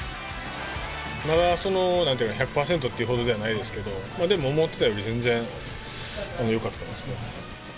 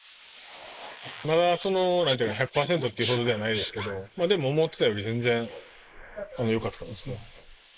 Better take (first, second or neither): first